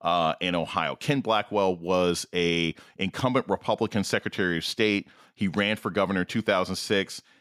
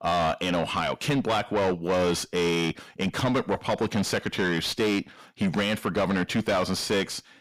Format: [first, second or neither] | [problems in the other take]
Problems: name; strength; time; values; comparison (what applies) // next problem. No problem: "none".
first | distortion; heavy; 7 dB below the speech